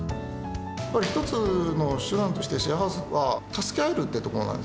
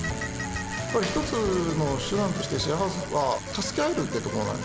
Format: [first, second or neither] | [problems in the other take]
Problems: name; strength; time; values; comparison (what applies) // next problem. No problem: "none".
first | background sound (Bicycle); 9 dB below the speech